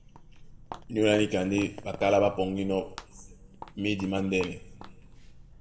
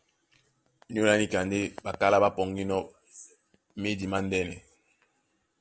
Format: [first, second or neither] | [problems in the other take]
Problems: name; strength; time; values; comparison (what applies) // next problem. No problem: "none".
second | background sound (Walk, footsteps); 17 dB below the speech // room echo; dies away in 1.1 s